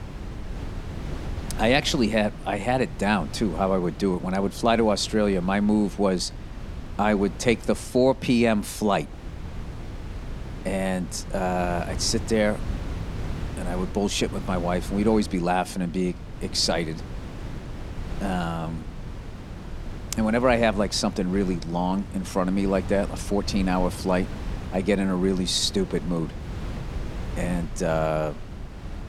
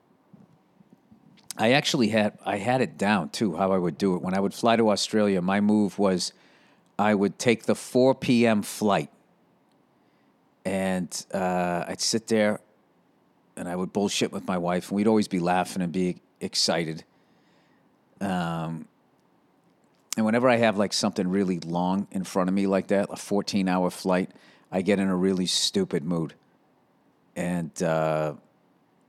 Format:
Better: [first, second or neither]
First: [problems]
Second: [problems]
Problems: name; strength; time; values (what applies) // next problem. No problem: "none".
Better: second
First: wind noise on the microphone; occasional gusts; 15 dB below the speech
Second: none